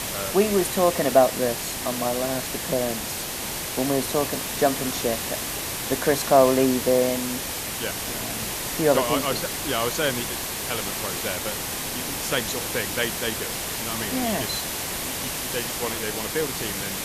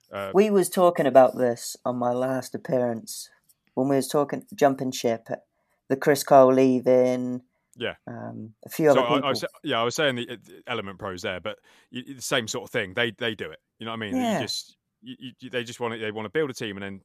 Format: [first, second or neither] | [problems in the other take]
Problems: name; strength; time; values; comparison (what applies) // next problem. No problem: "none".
second | hiss; loud; throughout; 2 dB below the speech